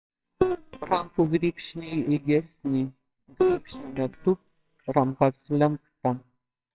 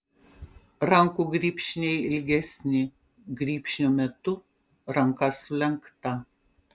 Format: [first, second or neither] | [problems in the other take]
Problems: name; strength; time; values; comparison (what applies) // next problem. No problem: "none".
second | noise reduction (neural separator model SepFormer WHAMR!)